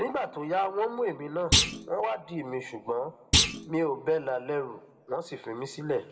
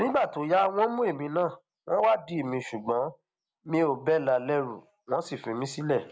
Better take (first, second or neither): second